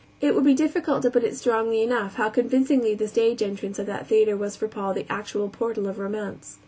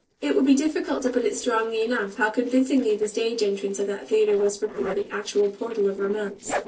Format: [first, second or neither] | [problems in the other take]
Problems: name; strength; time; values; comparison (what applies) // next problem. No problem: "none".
first | noise reduction (neural separator model SepFormer DNS4)